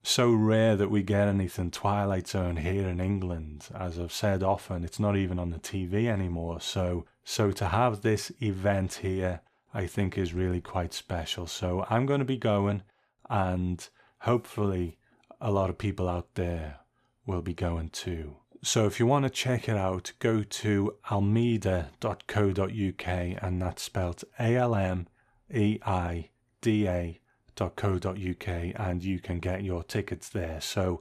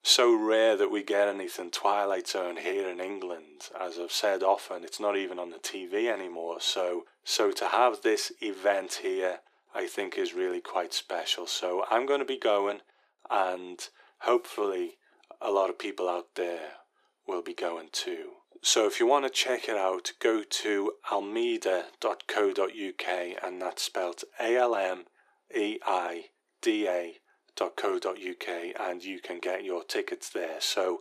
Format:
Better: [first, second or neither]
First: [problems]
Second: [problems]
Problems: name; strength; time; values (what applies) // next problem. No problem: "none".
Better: first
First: none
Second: thin; very; fading below 350 Hz